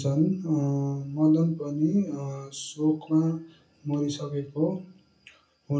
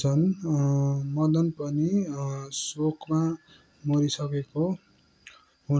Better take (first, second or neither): second